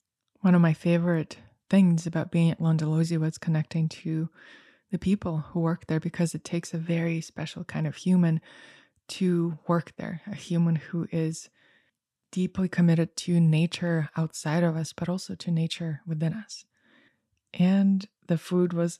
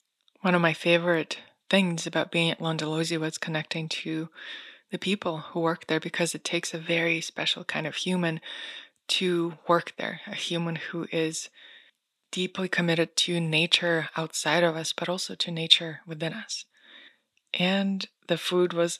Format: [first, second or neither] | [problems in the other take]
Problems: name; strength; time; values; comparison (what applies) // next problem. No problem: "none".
first | thin; somewhat; fading below 350 Hz